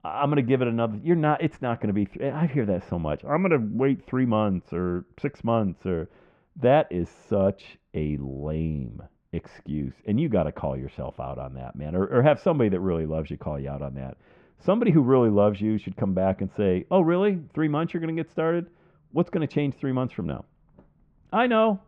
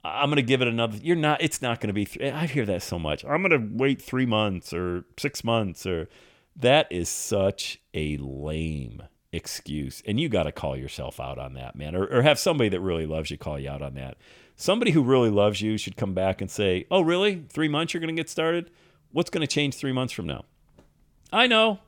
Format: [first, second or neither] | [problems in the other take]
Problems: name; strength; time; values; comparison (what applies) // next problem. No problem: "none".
second | muffled; very; fading above 1 kHz